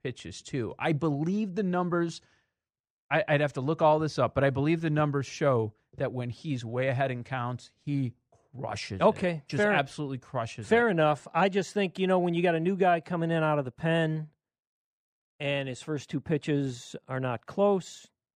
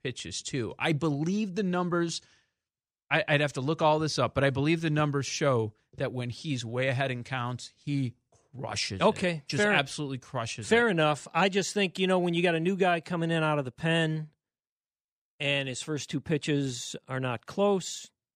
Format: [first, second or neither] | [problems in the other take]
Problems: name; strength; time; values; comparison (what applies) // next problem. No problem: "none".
second | muffled; slightly; fading above 2.5 kHz